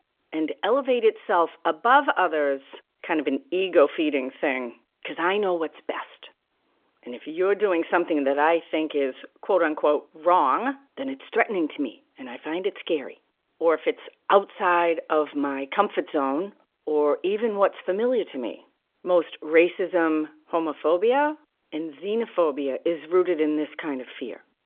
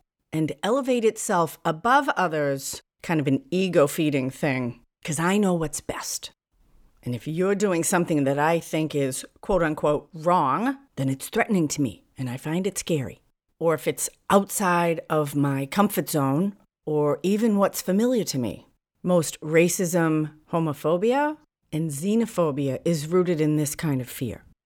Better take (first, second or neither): second